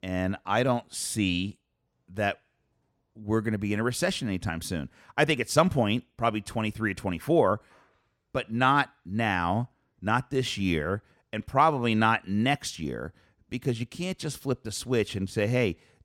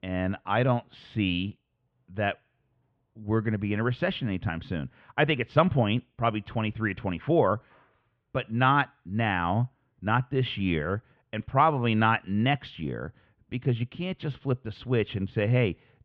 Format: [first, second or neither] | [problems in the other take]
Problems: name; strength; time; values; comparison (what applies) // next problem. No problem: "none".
first | muffled; very; fading above 3 kHz